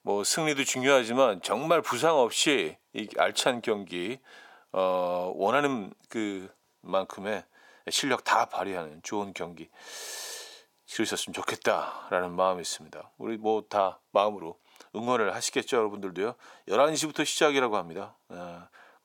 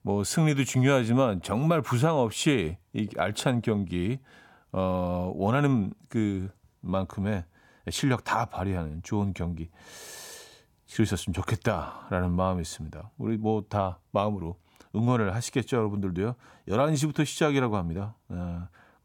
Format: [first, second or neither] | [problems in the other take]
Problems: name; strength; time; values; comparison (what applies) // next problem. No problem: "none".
second | thin; somewhat; fading below 450 Hz